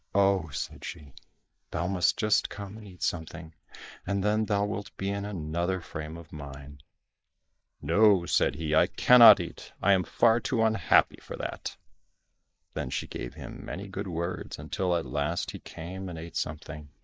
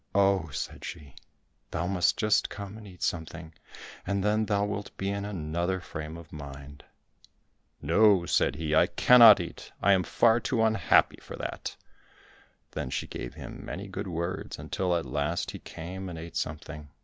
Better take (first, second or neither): second